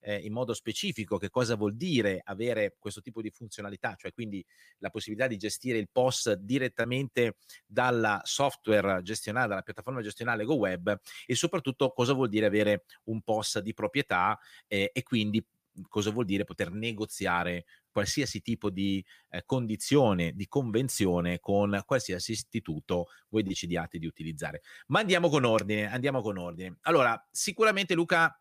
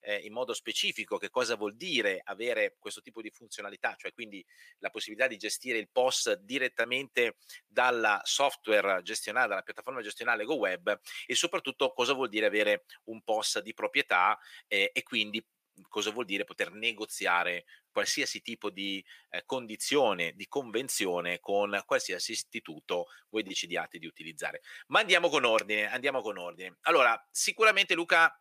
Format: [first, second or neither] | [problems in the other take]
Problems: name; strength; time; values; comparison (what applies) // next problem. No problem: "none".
first | thin; somewhat; fading below 450 Hz